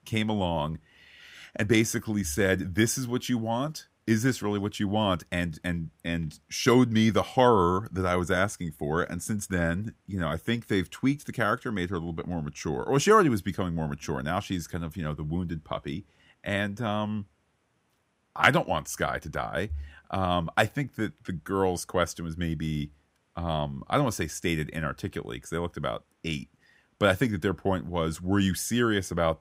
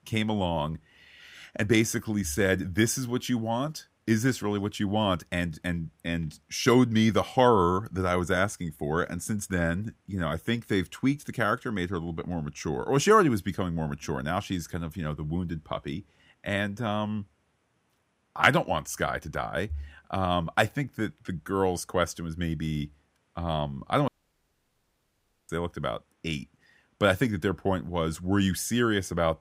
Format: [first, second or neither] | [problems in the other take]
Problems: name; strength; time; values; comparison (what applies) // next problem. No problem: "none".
first | audio cutting out; at 24 s for 1.5 s